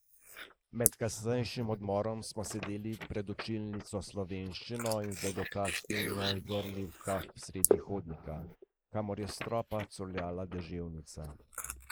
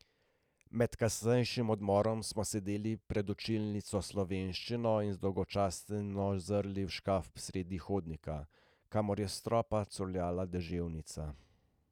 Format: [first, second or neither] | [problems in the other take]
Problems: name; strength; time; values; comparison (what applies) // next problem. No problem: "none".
second | noise reduction (neural mask model Resemble Enhance denoiser)